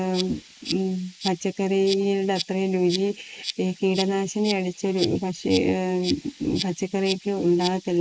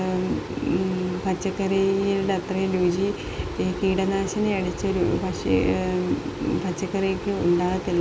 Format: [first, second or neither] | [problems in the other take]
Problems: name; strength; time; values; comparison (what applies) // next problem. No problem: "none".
second | noise reduction (neural mask model Resemble Enhance denoiser)